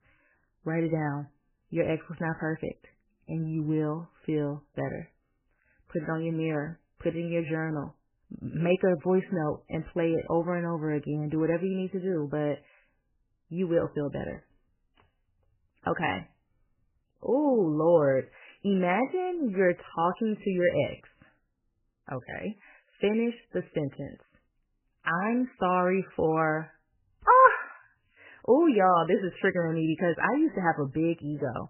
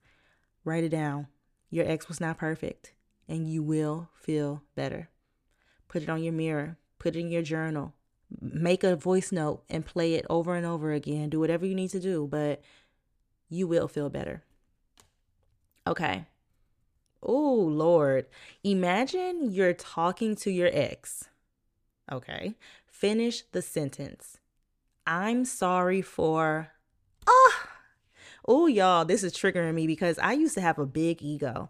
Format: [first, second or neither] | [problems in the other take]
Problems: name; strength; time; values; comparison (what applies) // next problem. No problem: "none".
second | garbled, watery; badly; nothing above 3 kHz